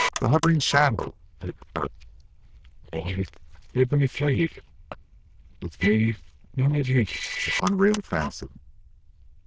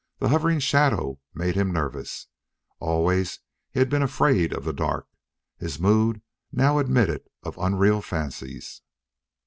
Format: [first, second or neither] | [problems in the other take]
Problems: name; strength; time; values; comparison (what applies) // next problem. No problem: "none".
second | noise reduction (neural diffusion model UNIVERSE++)